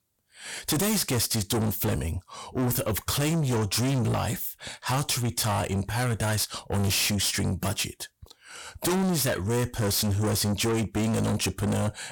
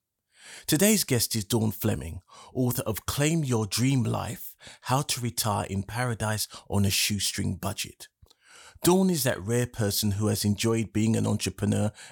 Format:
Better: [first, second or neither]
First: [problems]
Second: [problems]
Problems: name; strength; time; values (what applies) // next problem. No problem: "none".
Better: second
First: distortion; heavy; 6 dB below the speech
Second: none